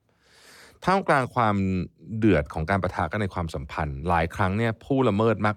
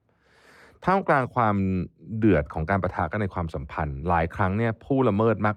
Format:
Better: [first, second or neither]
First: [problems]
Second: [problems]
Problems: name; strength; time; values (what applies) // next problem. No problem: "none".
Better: first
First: none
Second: muffled; slightly; fading above 3 kHz